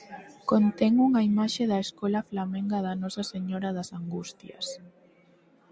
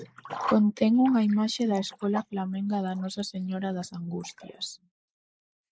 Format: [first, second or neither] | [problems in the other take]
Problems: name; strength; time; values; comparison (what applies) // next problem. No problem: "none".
first | noise reduction (neural mask model Resemble Enhance denoiser)